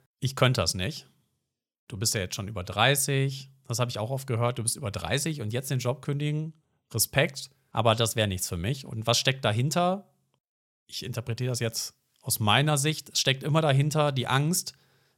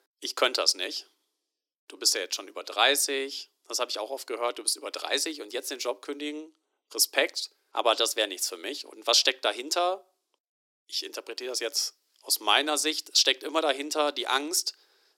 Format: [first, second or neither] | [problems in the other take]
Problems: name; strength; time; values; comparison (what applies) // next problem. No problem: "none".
first | thin; very; fading below 300 Hz